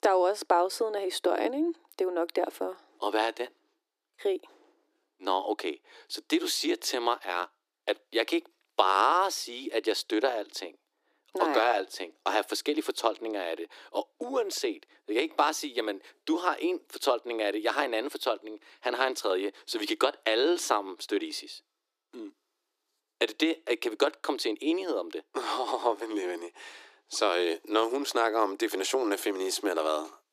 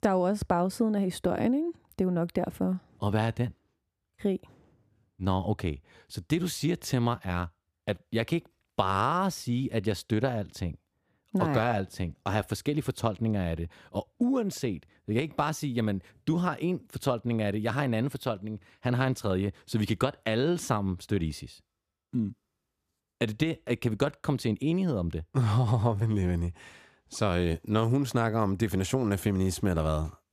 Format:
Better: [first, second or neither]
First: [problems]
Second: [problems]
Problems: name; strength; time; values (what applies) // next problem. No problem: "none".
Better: second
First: thin; very; fading below 300 Hz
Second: none